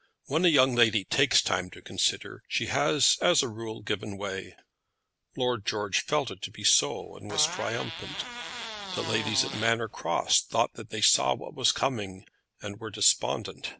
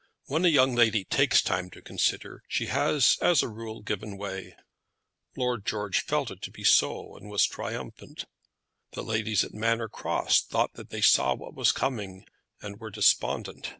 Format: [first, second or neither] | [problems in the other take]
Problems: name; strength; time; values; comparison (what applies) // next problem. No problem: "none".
second | background sound (Fart); 9 dB below the speech